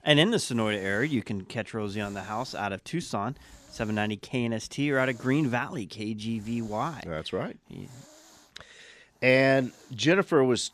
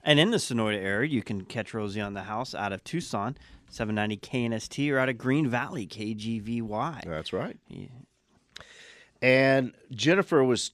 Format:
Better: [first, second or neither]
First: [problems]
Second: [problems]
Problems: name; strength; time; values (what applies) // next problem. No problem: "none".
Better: second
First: hiss; faint; throughout; 25 dB below the speech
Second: none